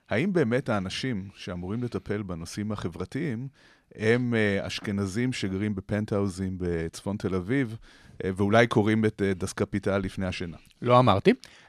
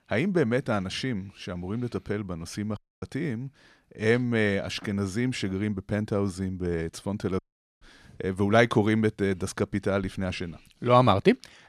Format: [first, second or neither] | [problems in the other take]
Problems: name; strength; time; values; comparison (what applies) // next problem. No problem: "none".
first | audio cutting out; at 3 s and at 7.5 s